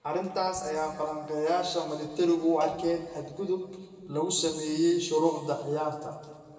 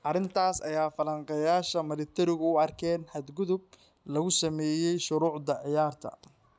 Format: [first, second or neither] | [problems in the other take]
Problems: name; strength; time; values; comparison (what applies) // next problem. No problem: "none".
second | background sound (Cowbell); 16 dB below the speech // room echo; dies away in 2.1 s